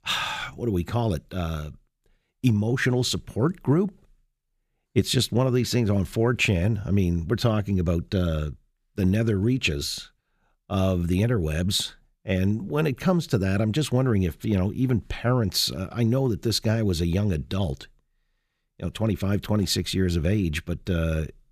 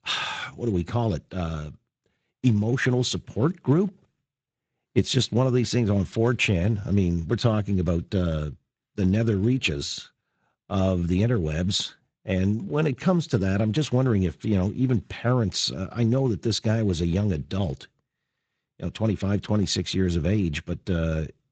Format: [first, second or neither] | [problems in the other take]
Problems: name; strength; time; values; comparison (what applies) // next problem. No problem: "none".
first | garbled, watery; slightly; nothing above 7.5 kHz